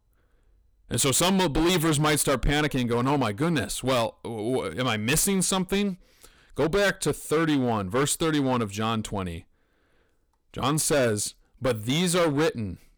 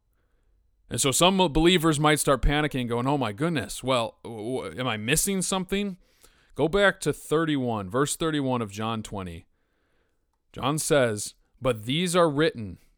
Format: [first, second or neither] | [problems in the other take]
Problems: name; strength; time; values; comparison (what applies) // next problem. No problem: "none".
second | distortion; heavy; 13% of the sound clipped